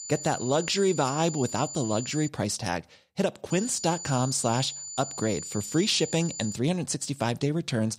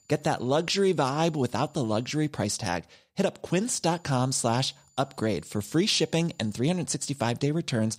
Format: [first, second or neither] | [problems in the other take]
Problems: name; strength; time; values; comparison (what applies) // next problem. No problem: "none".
second | high-pitched whine; loud; until 2.5 s and from 3.5 to 6.5 s; 7 kHz, 9 dB below the speech; faint in the second